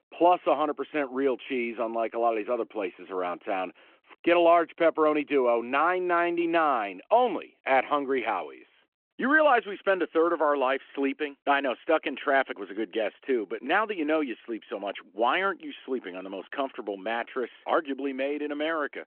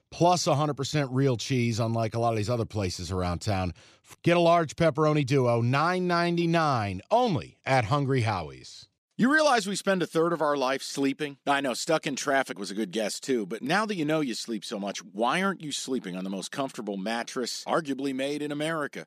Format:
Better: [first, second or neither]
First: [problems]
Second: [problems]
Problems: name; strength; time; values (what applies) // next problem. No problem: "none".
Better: second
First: phone-call audio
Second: none